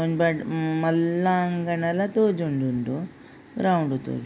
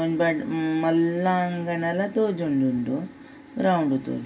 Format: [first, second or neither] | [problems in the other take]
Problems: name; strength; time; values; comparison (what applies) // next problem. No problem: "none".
first | room echo; dies away in 0.1 s